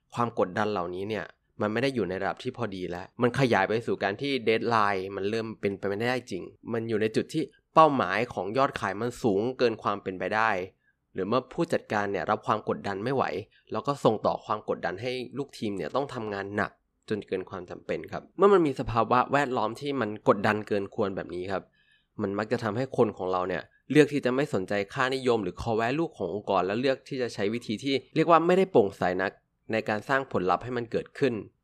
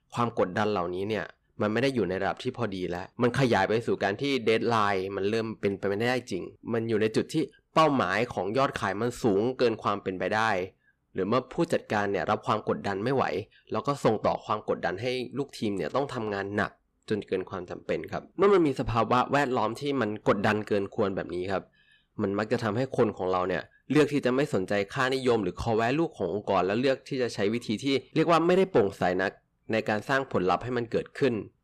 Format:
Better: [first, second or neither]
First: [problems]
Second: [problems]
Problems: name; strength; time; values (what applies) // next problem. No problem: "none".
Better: first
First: none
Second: distortion; slight; 10 dB below the speech